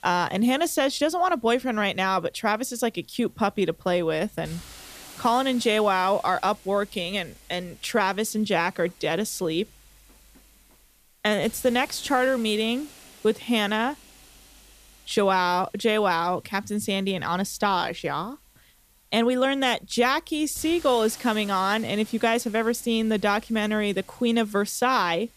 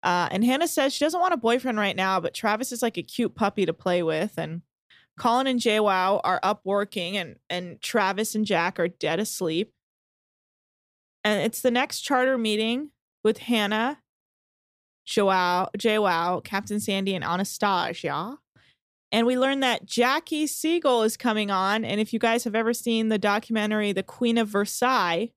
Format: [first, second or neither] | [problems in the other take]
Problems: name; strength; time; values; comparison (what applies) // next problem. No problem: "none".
second | hiss; faint; throughout; 25 dB below the speech